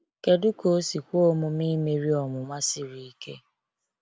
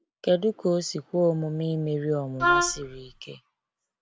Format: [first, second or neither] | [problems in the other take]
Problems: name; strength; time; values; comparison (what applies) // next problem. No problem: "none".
first | background sound (Wind instrument, woodwind instrument); 2 dB above the speech